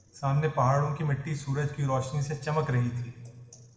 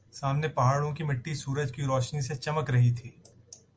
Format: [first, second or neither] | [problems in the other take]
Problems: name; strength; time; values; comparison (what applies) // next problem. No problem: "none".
second | room echo; dies away in 1.4 s